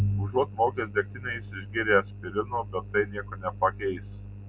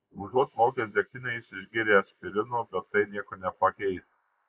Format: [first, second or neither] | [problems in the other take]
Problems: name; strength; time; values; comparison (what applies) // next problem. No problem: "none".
first | noise reduction (neural mask model Resemble Enhance denoiser)